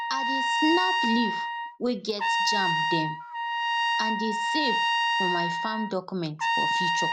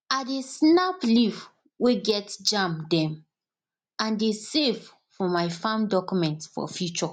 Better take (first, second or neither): second